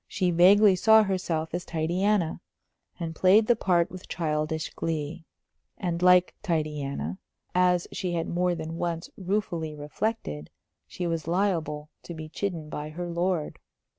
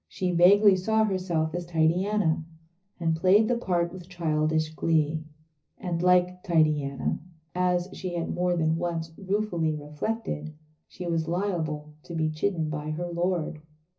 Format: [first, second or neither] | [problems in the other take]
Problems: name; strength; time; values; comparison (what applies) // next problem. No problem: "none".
first | room echo; dies away in 0.4 s